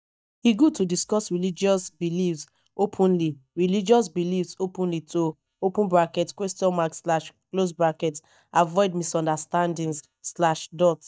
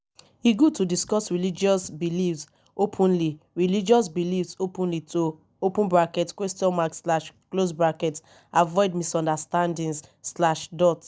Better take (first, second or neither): second